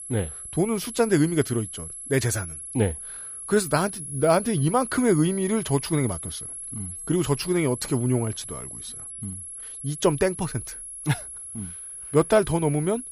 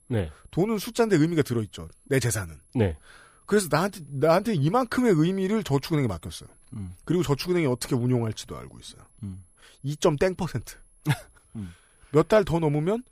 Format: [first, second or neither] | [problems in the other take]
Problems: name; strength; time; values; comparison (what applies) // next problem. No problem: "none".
second | high-pitched whine; loud; throughout; 11 kHz, 10 dB below the speech; faint in the second